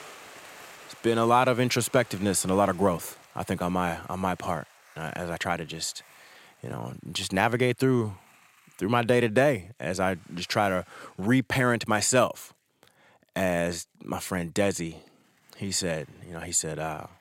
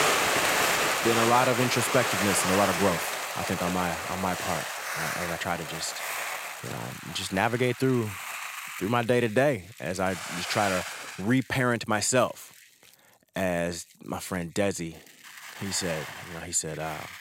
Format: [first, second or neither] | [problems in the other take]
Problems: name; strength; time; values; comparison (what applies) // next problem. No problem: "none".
first | hiss; loud; throughout; 1 dB below the speech; faint in the first